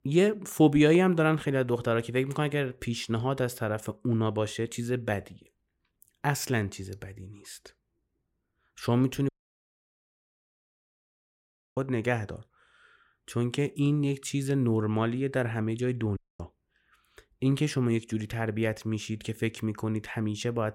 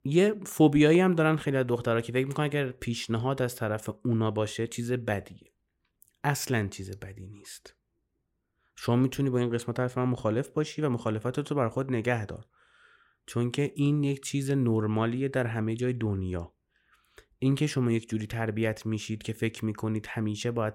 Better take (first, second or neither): second